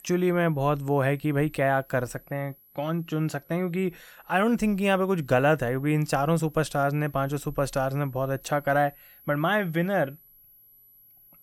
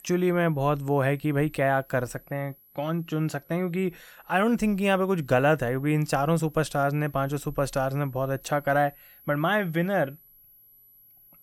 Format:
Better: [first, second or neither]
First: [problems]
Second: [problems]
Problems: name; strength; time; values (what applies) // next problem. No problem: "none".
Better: neither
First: high-pitched whine; faint; throughout; 11.5 kHz, 25 dB below the speech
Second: high-pitched whine; faint; throughout; 11.5 kHz, 25 dB below the speech